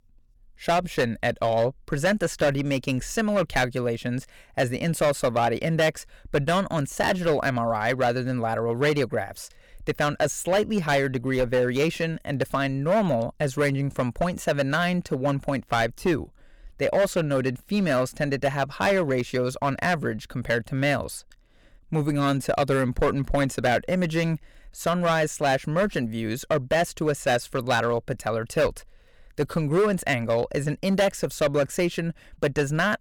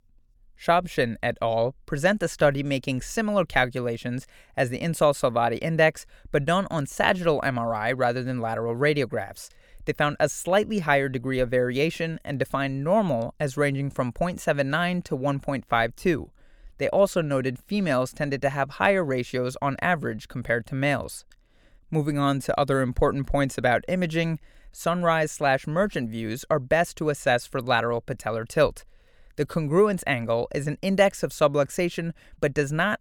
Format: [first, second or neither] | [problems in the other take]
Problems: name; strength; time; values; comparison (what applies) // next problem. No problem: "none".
second | distortion; slight; 6% of the sound clipped